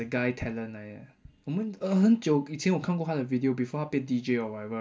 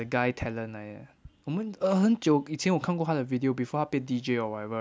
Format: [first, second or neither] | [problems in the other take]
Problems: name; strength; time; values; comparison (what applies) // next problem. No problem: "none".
second | room echo; dies away in 0.2 s